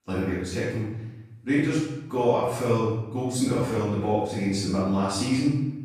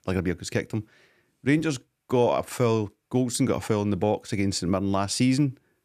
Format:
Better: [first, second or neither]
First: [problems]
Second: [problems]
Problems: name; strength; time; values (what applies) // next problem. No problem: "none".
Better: second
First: room echo; strong; dies away in 0.8 s // off-mic speech; far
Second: none